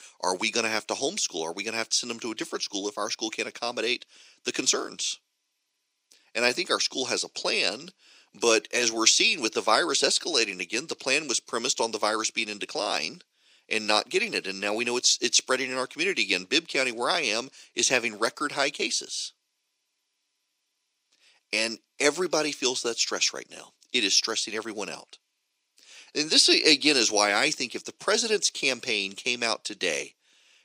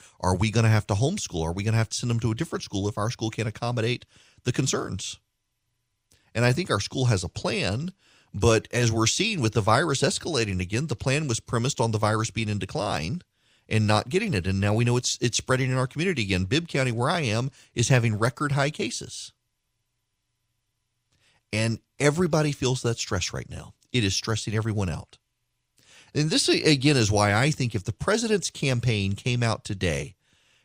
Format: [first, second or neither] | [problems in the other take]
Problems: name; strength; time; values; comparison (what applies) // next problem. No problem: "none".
second | thin; somewhat; fading below 300 Hz